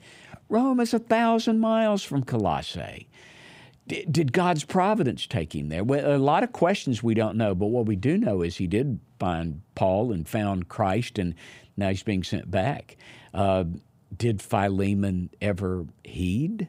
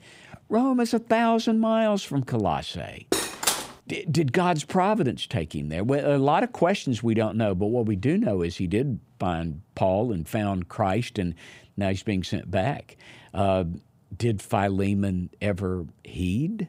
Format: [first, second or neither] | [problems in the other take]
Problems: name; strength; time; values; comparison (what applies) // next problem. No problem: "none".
first | clattering dishes; loud; at 3 s; peak 1 dB above the speech